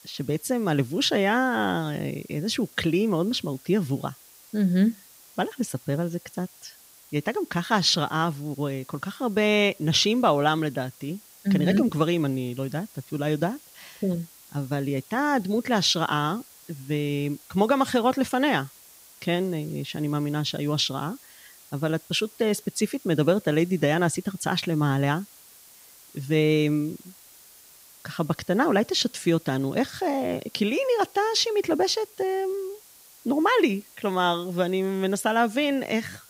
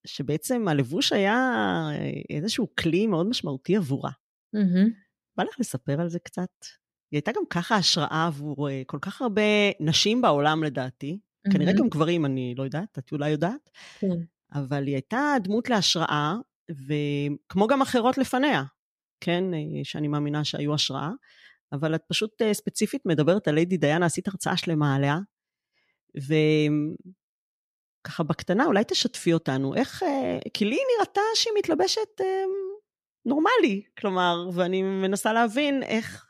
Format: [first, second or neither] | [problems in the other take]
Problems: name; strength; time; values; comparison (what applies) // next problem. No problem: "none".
second | hiss; faint; throughout; 25 dB below the speech